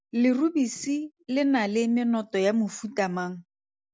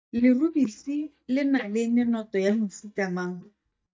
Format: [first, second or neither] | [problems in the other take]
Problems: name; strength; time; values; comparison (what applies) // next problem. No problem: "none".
first | noise reduction (neural mask model DeepFilterNet 3)